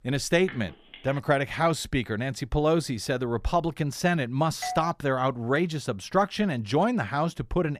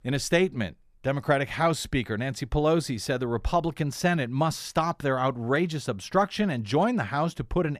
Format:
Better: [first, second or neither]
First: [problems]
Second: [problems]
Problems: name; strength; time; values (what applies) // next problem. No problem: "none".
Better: second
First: phone ringing; faint; at 0.5 s; peak 15 dB below the speech // doorbell; noticeable; at 4.5 s; peak 8 dB below the speech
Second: none